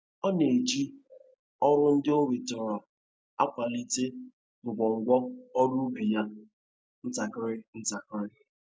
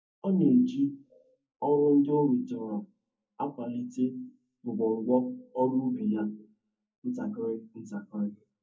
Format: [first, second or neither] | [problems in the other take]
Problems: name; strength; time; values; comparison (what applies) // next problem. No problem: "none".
first | room echo; dies away in 0.3 s